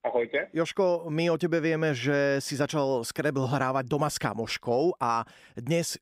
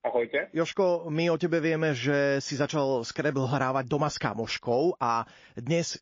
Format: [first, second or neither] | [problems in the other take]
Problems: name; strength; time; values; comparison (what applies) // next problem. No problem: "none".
first | garbled, watery; slightly; nothing above 6 kHz